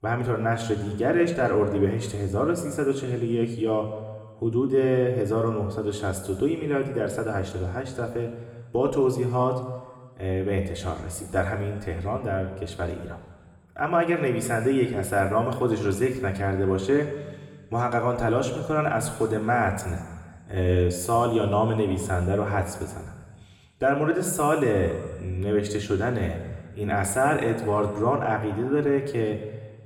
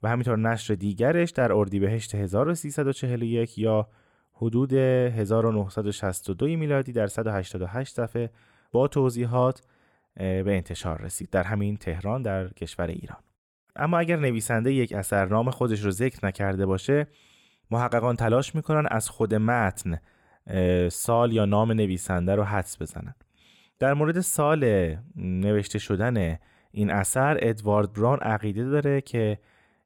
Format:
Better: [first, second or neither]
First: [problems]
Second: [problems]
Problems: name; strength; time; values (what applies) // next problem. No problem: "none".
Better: second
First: room echo; slight; dies away in 1.3 s // off-mic speech; somewhat distant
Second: none